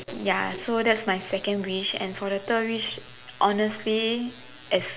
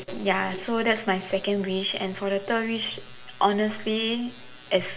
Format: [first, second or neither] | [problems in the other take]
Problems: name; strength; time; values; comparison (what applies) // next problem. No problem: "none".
first | room echo; dies away in 0.3 s